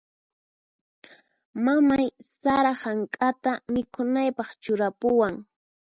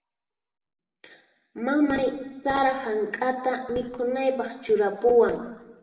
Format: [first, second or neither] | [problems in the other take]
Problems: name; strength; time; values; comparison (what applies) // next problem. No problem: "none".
first | room echo; dies away in 1 s